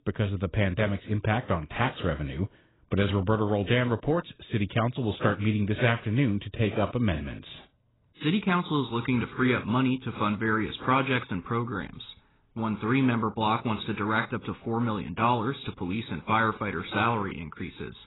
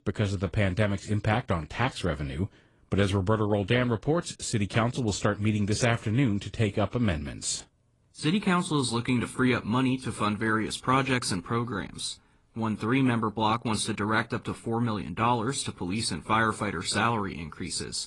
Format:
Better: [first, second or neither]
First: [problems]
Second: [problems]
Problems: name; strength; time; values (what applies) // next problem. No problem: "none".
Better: second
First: garbled, watery; badly; nothing above 4 kHz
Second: garbled, watery; slightly; nothing above 10 kHz